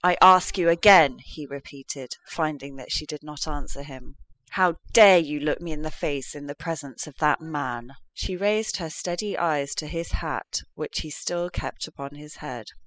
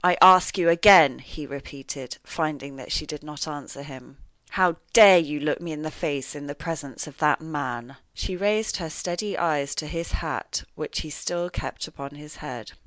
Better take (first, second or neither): second